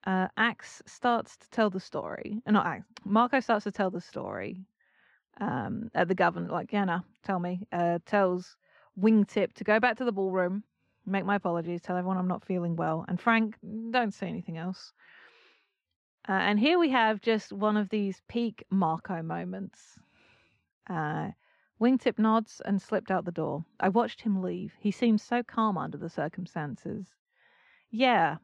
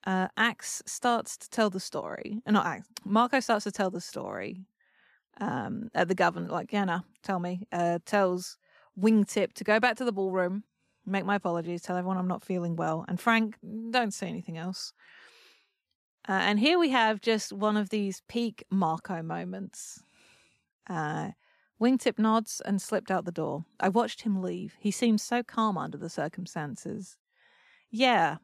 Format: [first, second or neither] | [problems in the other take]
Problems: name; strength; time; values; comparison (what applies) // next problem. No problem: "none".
second | muffled; slightly; fading above 3 kHz